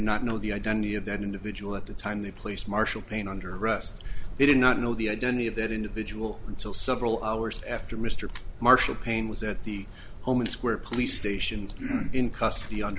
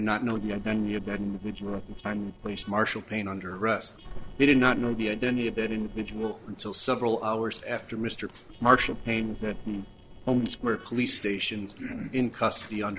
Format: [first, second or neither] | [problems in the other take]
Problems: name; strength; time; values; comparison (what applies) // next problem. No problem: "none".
first | noise reduction (neural separator model SepFormer DNS4)